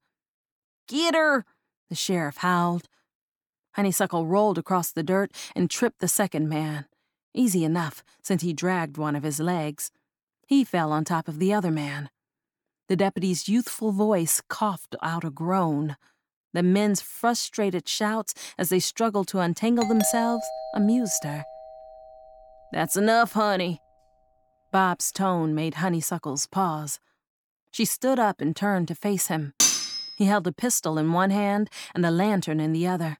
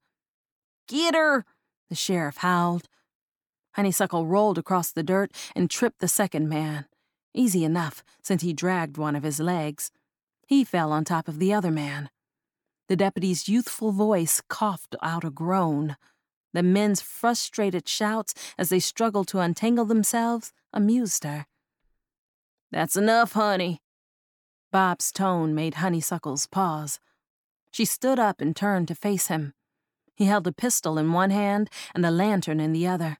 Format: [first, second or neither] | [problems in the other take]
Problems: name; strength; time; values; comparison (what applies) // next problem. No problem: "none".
second | doorbell; noticeable; from 20 to 22 s; peak 5 dB below the speech // clattering dishes; loud; at 30 s; peak 6 dB above the speech